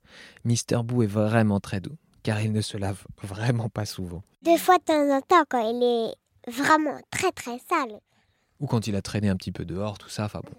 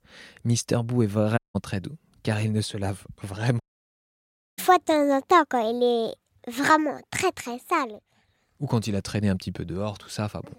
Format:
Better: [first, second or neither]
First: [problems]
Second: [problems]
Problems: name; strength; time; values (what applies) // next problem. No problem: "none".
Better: first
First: none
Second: audio cutting out; at 1.5 s and at 3.5 s for 1 s